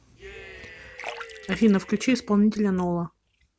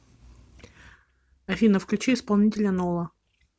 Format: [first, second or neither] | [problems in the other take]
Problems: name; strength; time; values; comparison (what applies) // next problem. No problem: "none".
second | background sound (Splash, splatter + Cheering); 17 dB below the speech